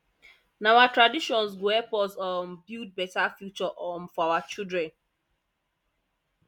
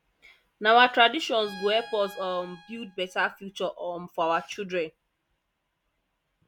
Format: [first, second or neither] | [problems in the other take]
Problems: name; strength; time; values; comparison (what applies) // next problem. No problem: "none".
first | background sound (Bowed string instrument); 19 dB below the speech